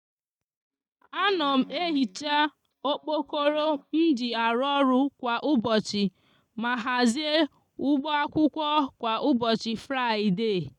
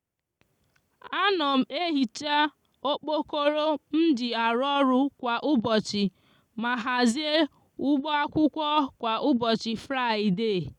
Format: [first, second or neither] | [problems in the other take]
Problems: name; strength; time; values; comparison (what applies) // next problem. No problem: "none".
second | noise reduction (neural mask model DeepFilterNet 3)